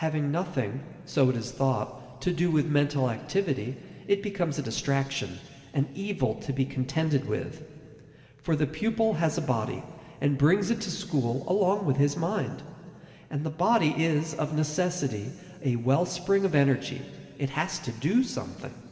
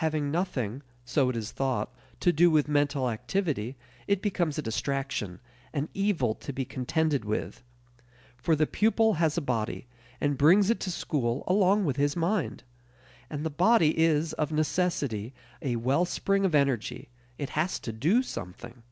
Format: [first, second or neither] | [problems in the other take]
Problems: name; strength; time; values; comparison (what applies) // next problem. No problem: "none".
second | room echo; dies away in 2.3 s